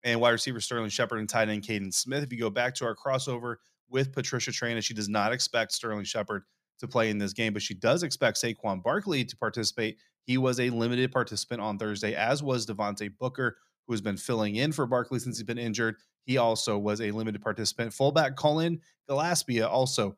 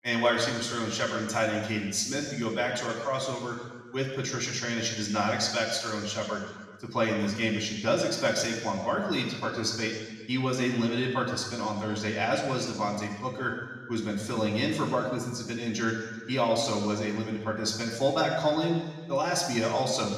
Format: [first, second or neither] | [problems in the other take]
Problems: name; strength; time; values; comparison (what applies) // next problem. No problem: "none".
first | room echo; noticeable; dies away in 1.3 s // off-mic speech; far